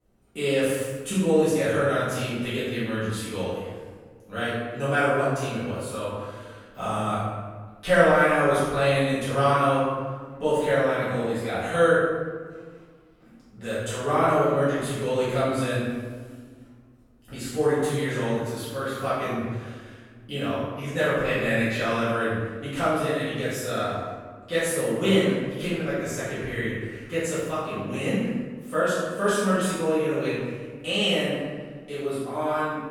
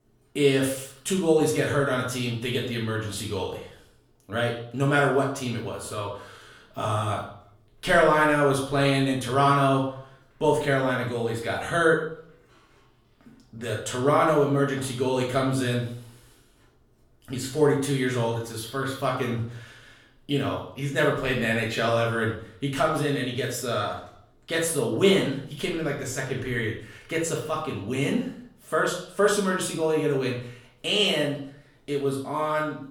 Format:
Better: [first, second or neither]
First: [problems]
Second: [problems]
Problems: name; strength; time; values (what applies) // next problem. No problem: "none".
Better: second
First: room echo; strong; dies away in 1.3 s // off-mic speech; far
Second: room echo; slight; dies away in 0.5 s // off-mic speech; far